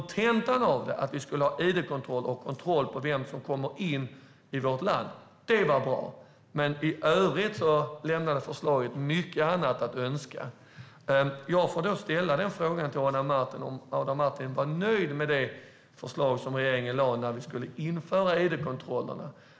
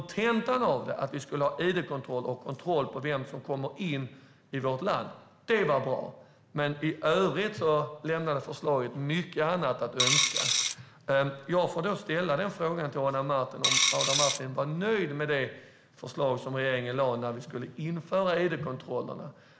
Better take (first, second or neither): first